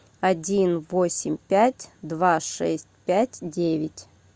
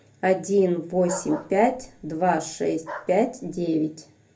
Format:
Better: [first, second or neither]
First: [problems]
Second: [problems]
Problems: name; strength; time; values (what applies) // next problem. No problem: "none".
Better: first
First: none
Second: background sound (Bark); 15 dB below the speech // room echo; dies away in 0.3 s